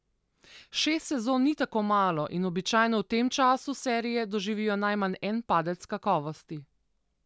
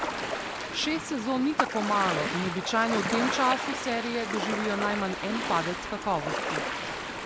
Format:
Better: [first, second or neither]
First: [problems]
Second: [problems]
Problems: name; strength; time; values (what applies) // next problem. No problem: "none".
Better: first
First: none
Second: background sound (Ocean); 2 dB below the speech